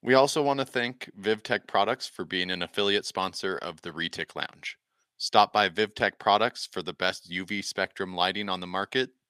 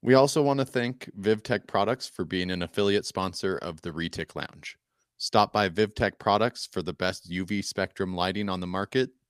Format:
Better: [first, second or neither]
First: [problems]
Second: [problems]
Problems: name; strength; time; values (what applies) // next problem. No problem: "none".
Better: second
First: thin; very slightly; fading below 500 Hz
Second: none